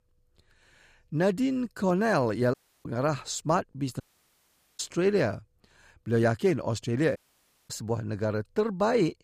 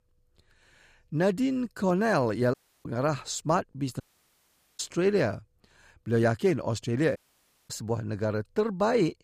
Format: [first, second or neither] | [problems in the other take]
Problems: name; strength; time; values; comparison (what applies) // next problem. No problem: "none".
neither | audio cutting out; at 2.5 s, at 4 s for 1 s and at 7 s for 0.5 s; the same in both